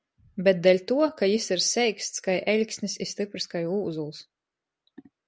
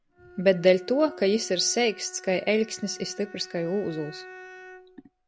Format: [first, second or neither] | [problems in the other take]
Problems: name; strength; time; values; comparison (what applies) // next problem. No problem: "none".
first | background sound (Bowed string instrument); 19 dB below the speech